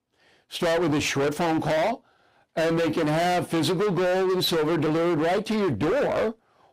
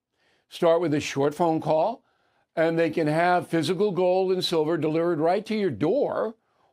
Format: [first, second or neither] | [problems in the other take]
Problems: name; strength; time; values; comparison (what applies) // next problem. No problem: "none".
second | distortion; heavy; 34% of the sound clipped